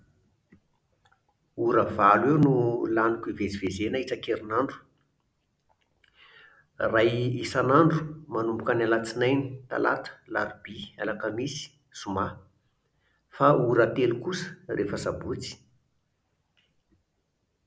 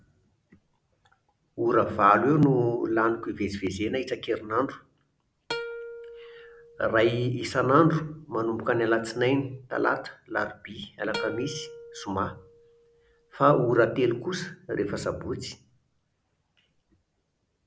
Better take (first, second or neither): first